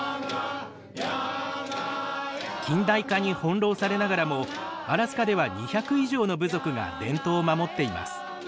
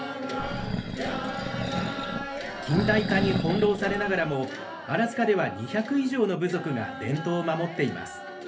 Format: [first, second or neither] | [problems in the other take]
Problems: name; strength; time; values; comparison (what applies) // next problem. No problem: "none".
first | background sound (Animal); 3 dB below the speech // room echo; dies away in 0.3 s